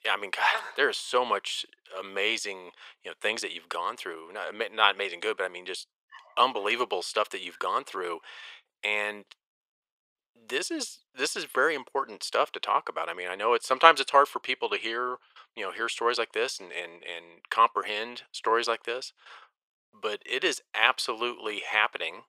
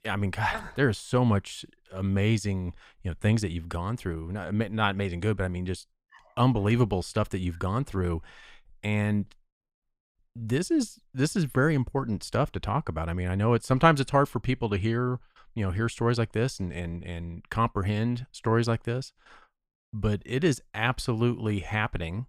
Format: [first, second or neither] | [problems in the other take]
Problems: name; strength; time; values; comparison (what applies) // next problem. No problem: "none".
second | thin; very; fading below 450 Hz